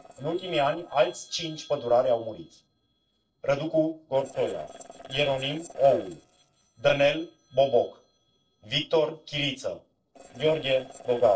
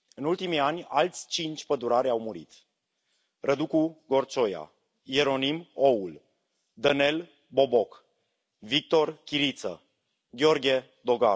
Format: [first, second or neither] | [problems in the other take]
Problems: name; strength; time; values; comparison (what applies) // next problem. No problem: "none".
second | noise reduction (neural separator model SepFormer DNS4)